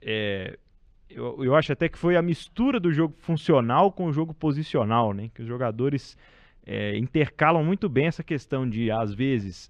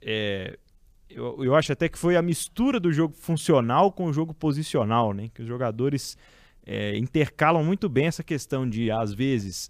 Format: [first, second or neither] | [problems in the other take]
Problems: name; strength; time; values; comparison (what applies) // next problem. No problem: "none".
second | muffled; slightly; fading above 3 kHz